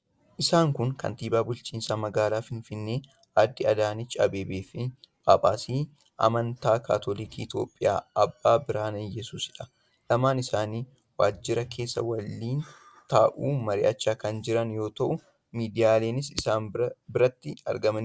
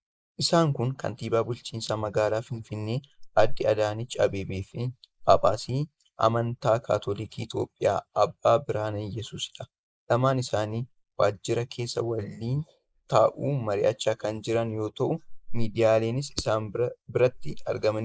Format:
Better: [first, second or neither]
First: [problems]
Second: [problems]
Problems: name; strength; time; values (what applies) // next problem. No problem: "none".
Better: first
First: none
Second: noise reduction (neural mask model Resemble Enhance denoiser)